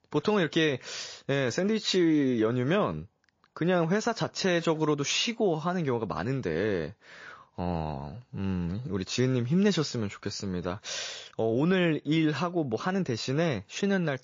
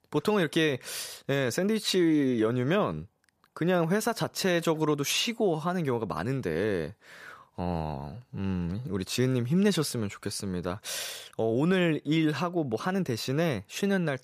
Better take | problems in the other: second | garbled, watery; slightly; nothing above 7 kHz

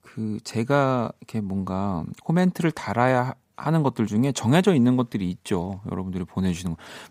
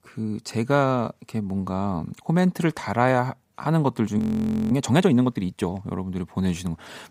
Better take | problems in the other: first | audio freezing; at 4 s for 0.5 s

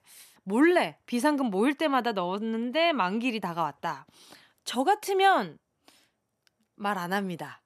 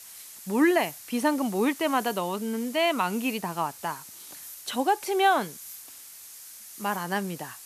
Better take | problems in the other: first | hiss; noticeable; throughout; 15 dB below the speech

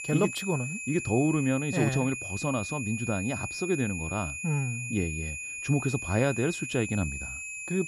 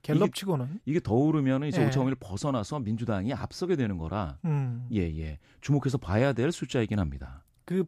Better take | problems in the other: second | high-pitched whine; loud; throughout; 2.5 kHz, 5 dB below the speech

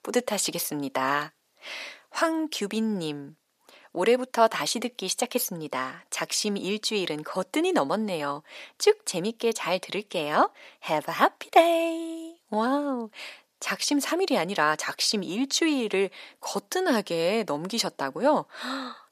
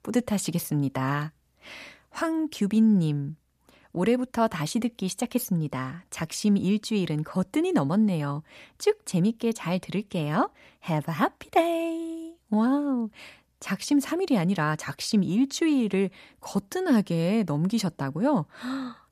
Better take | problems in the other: second | thin; somewhat; fading below 500 Hz

